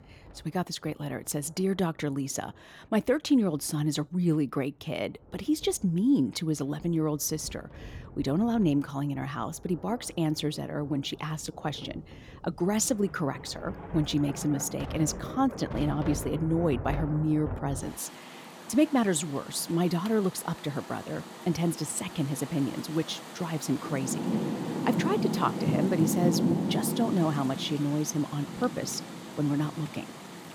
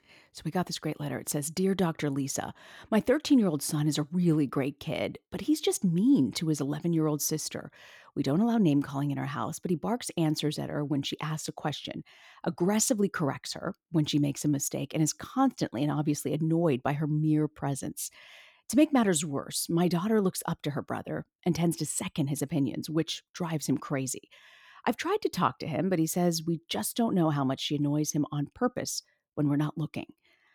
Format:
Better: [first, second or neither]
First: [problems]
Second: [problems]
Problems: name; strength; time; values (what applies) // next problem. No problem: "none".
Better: second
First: rain or running water; loud; throughout; 6 dB below the speech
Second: none